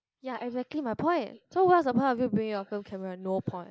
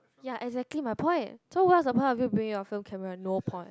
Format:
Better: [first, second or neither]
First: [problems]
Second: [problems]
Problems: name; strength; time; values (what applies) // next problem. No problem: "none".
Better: second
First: noise reduction (neural mask model Resemble Enhance denoiser)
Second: none